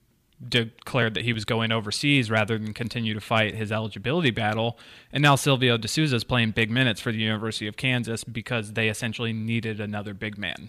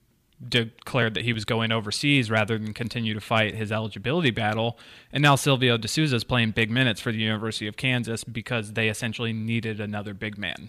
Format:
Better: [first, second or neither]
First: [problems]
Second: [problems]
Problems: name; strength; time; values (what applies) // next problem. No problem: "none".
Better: neither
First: none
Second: none